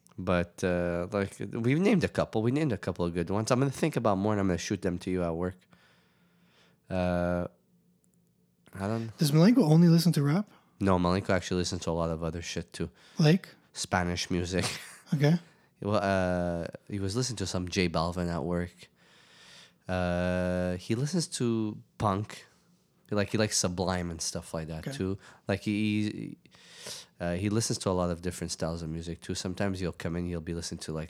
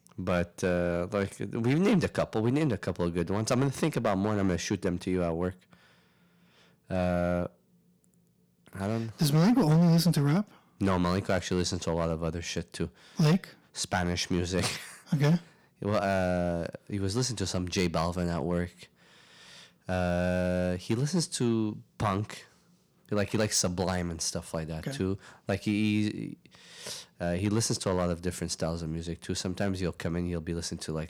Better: first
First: none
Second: distortion; slight; 3% of the sound clipped

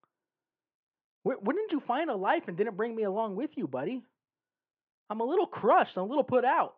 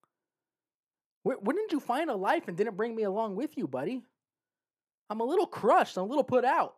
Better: second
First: muffled; very; fading above 3.5 kHz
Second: none

